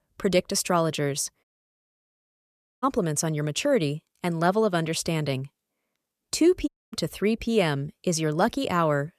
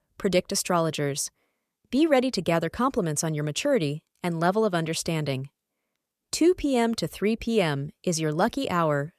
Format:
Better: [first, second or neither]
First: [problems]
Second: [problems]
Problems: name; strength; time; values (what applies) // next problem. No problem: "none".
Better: second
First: audio cutting out; at 1.5 s for 1.5 s and at 6.5 s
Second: none